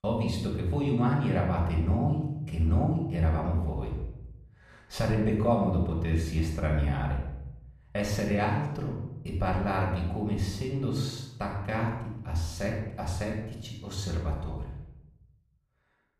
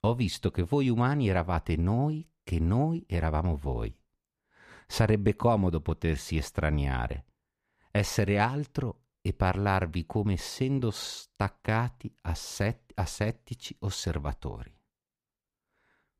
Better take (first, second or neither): second